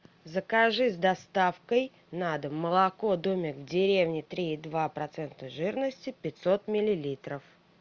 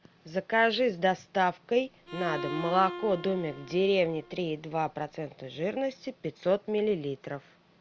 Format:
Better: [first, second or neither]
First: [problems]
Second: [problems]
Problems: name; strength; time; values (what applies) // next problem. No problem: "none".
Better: first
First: none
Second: background sound (Bowed string instrument); 11 dB below the speech